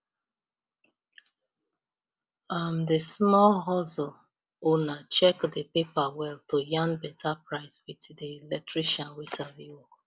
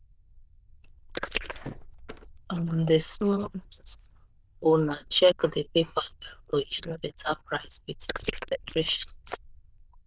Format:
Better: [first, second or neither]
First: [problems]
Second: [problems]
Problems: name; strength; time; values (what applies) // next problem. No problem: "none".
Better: first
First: none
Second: noise reduction (neural diffusion model UNIVERSE++)